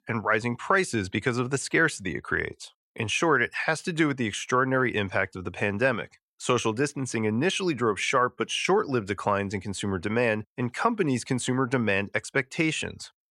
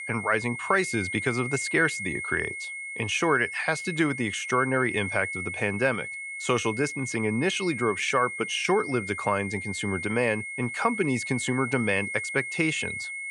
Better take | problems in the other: first | high-pitched whine; loud; throughout; 2 kHz, 6 dB below the speech

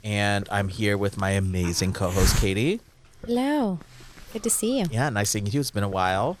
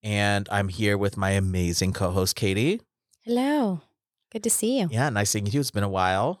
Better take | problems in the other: second | hiss; loud; throughout; 6 dB below the speech

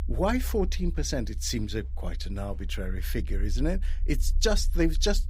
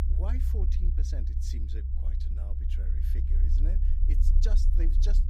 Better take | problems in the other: first | low rumble; loud; throughout; 1 dB below the speech; faint in the first

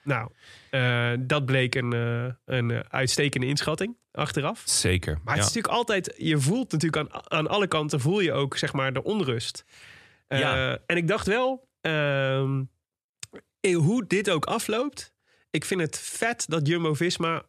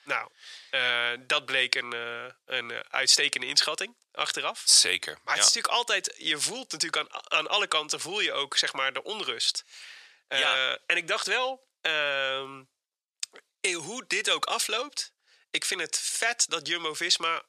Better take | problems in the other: first | thin; very; fading below 650 Hz

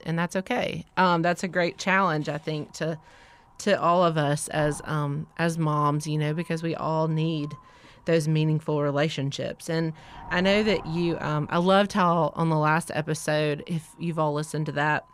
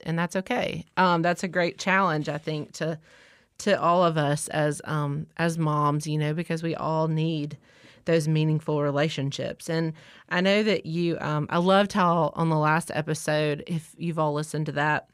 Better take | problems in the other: second | wind noise on the microphone; occasional gusts; 20 dB below the speech

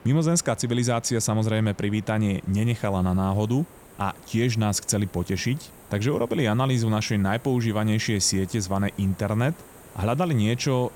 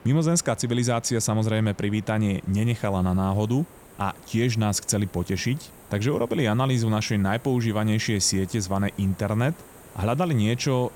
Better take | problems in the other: neither | hiss; faint; throughout; 25 dB below the speech; the same in both

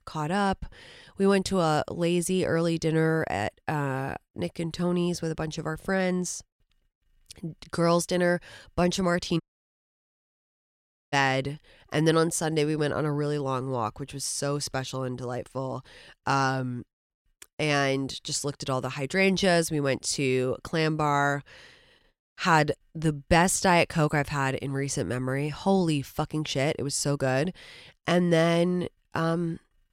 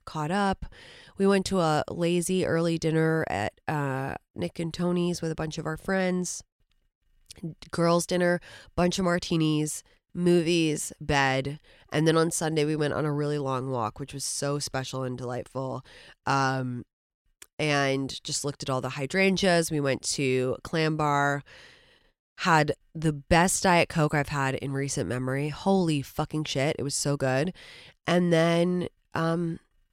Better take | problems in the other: second | audio cutting out; at 9.5 s for 1.5 s

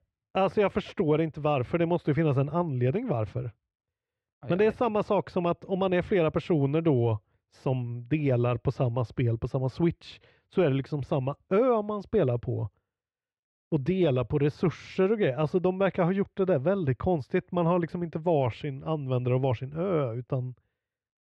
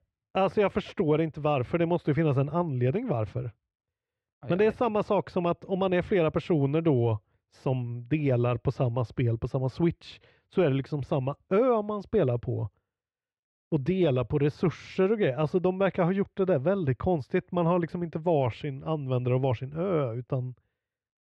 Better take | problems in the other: neither | muffled; very; fading above 2 kHz; the same in both

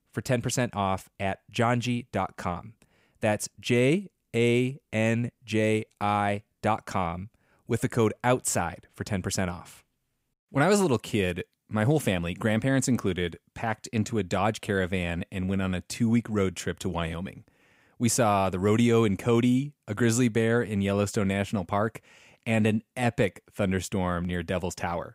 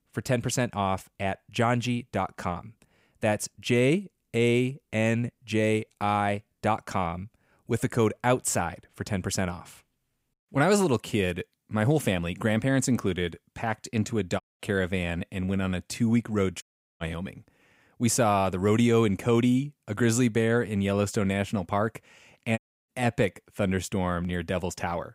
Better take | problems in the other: first | audio cutting out; at 14 s, at 17 s and at 23 s

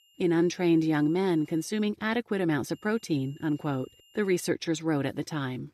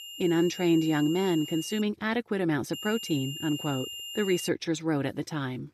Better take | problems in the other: first | high-pitched whine; loud; until 2 s and from 2.5 to 4.5 s; 3 kHz, 9 dB below the speech; faint in the first

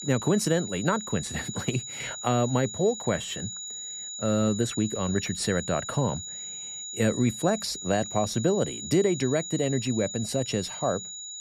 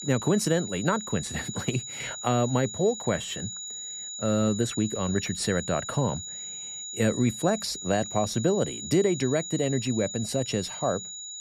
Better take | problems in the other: neither | high-pitched whine; loud; throughout; 7 kHz, 7 dB below the speech; the same in both

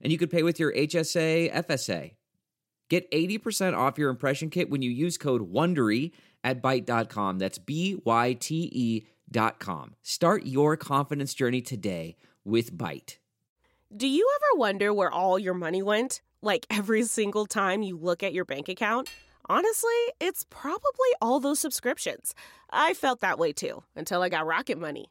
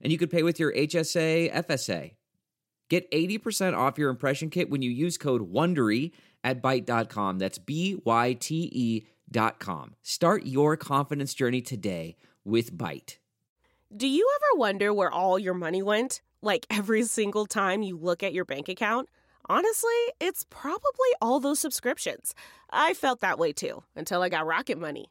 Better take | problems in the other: second | clattering dishes; faint; at 19 s; peak 15 dB below the speech

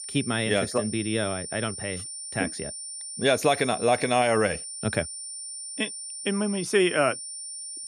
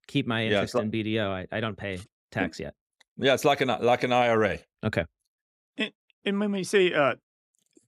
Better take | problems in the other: second | high-pitched whine; loud; throughout; 9 kHz, 8 dB below the speech

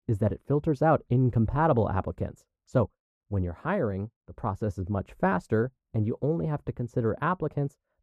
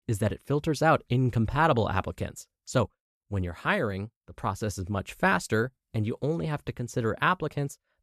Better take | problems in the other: second | muffled; very; fading above 1.5 kHz

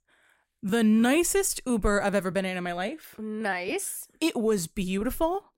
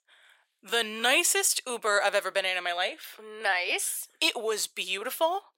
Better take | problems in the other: first | thin; very; fading below 550 Hz

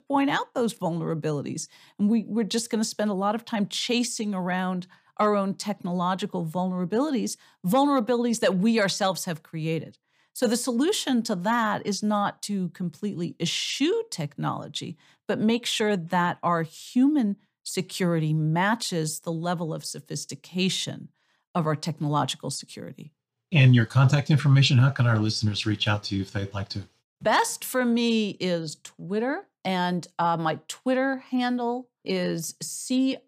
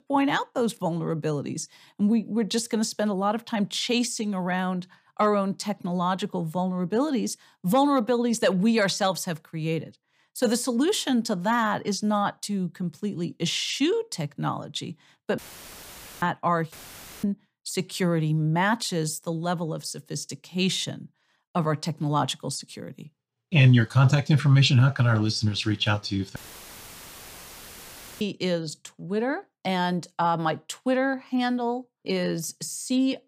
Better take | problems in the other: first | audio cutting out; filled with static; at 15 s for 1 s, at 17 s for 0.5 s and at 26 s for 2 s

